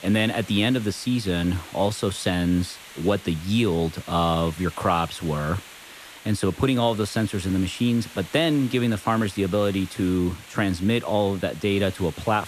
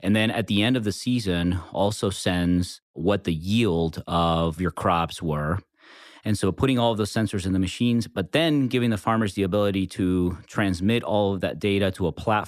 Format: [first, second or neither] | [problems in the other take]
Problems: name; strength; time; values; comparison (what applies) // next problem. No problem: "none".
second | hiss; noticeable; throughout; 15 dB below the speech